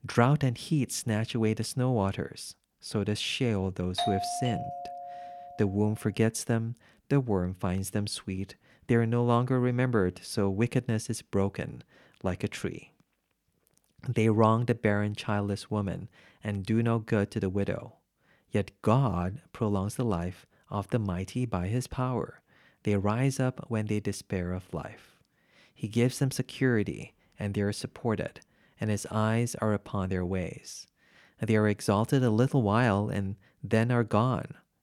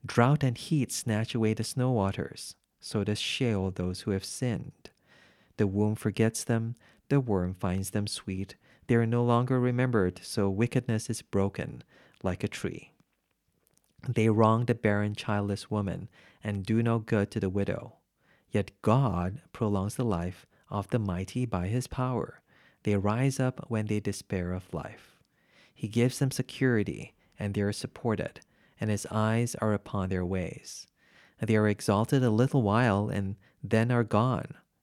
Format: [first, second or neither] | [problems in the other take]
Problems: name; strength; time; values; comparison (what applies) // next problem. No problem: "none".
second | doorbell; noticeable; from 4 to 5.5 s; peak 2 dB below the speech